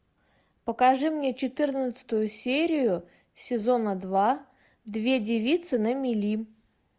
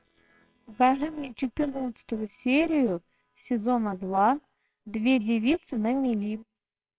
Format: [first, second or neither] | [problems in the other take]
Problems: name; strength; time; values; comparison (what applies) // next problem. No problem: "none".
first | noise reduction (neural separator model SepFormer WHAMR!)